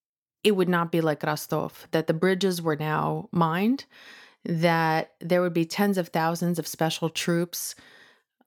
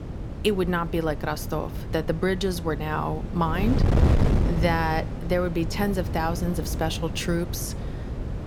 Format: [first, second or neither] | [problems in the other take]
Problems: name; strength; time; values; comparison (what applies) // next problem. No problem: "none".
first | wind noise on the microphone; heavy; 9 dB below the speech